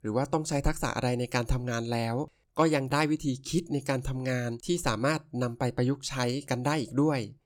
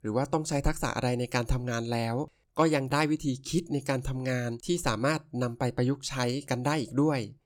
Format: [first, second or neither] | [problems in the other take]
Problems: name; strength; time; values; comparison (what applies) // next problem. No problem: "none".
neither | none